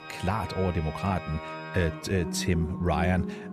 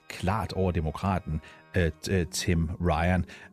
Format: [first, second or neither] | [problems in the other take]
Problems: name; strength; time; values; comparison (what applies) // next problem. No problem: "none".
second | background music; loud; throughout; 7 dB below the speech; faint in the second